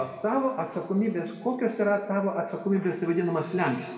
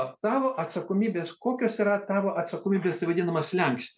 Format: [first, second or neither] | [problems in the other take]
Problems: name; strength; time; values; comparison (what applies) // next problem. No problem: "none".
second | room echo; dies away in 1.6 s